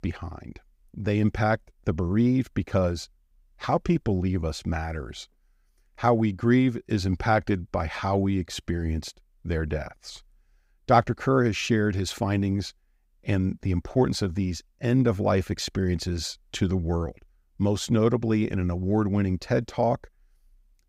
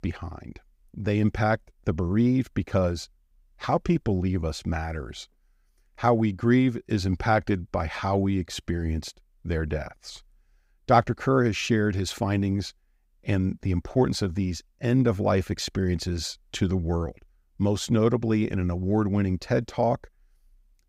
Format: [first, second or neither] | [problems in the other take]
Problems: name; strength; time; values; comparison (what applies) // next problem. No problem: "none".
neither | none